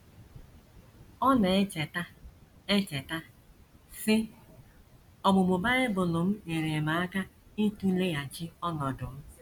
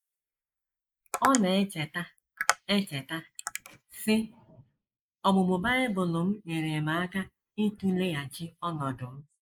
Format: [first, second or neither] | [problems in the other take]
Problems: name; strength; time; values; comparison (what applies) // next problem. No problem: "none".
first | noise reduction (neural mask model Resemble Enhance denoiser)